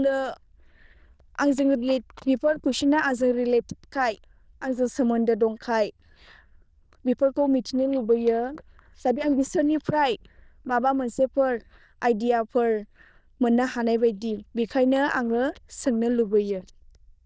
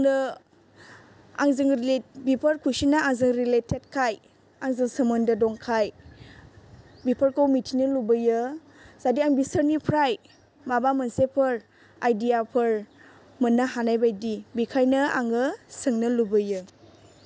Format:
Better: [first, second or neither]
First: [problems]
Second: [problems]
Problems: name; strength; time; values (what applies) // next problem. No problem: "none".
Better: second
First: noise reduction (neural diffusion model UNIVERSE++)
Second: none